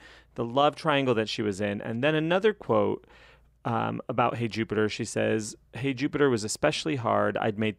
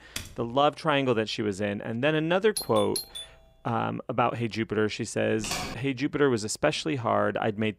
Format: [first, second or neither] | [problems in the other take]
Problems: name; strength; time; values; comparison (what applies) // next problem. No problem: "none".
first | keyboard typing; faint; at the start; peak 10 dB below the speech // doorbell; noticeable; at 2.5 s; peak 5 dB below the speech // keyboard typing; noticeable; at 5.5 s; peak 5 dB below the speech